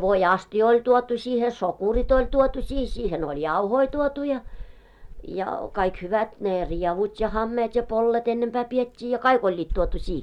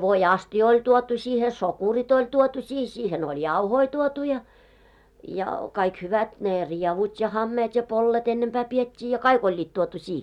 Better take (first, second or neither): second